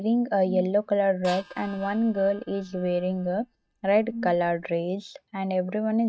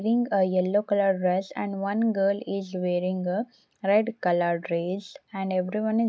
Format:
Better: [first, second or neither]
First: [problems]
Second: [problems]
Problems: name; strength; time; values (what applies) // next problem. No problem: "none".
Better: second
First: noise reduction (neural mask model RNNoise)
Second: none